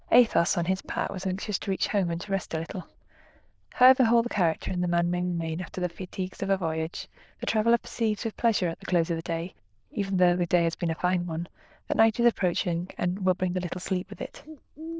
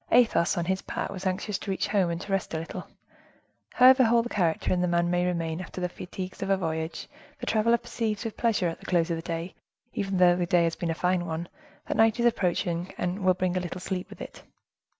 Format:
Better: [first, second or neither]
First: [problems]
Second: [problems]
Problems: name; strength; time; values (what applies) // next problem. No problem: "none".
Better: second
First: noise reduction (neural diffusion model UNIVERSE++)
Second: none